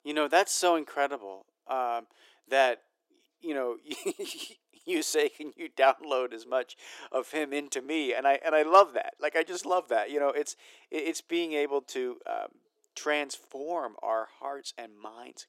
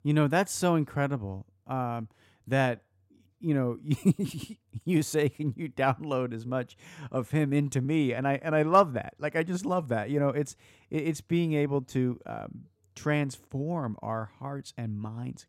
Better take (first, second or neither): second